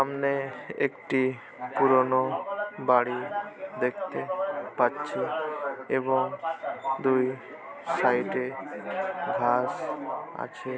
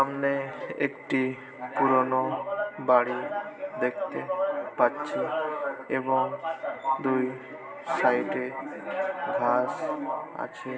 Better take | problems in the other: first | background sound (Bowed string instrument); 16 dB below the speech // room echo; dies away in 1.8 s

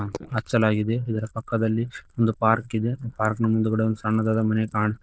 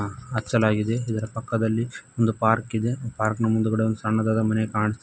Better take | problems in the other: second | noise reduction (neural diffusion model UNIVERSE++)

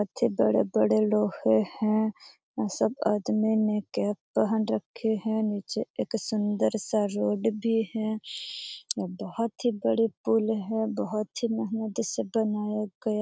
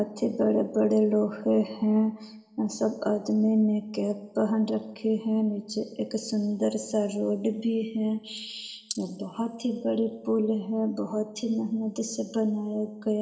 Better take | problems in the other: first | room echo; dies away in 1.1 s

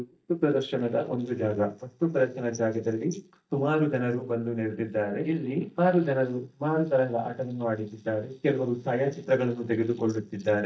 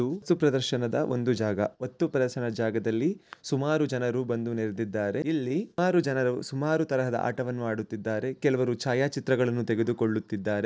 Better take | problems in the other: second | noise reduction (neural mask model DeepFilterNet 3)

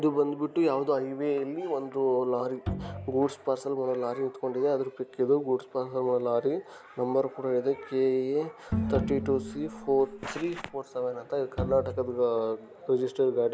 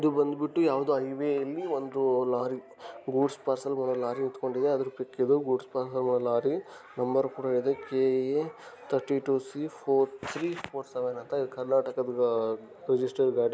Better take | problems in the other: second | background sound (Bowed string instrument + Bowed string instrument); 8 dB below the speech

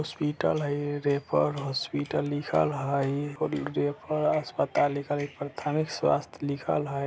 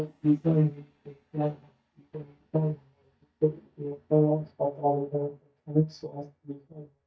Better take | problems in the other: first | noise reduction (neural mask model DeepFilterNet 3)

